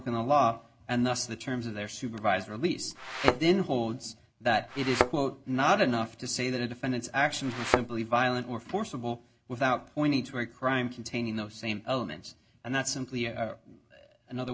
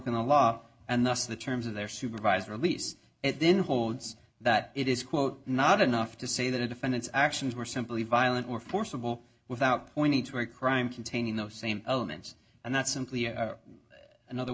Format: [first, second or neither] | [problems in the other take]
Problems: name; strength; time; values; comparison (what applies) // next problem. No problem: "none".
second | background sound (Thump, thud); 1 dB below the speech